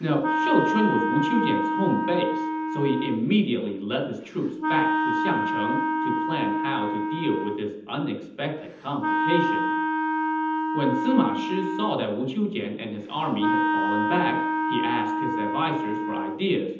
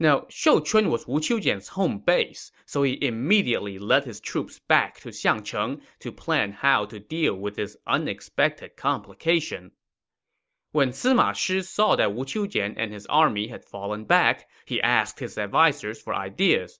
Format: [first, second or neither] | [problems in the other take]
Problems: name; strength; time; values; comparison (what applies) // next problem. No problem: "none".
second | background sound (Wind instrument, woodwind instrument); as loud as the speech // room echo; dies away in 0.8 s